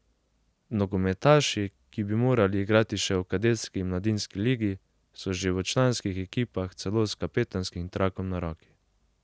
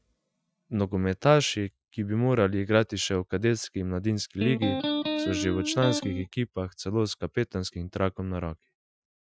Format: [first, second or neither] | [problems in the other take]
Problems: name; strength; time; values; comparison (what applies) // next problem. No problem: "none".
first | noise reduction (classical method Wiener filter)